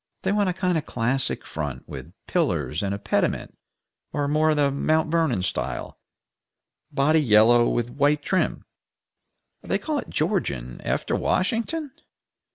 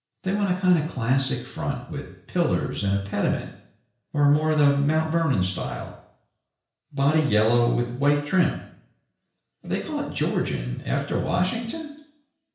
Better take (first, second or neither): first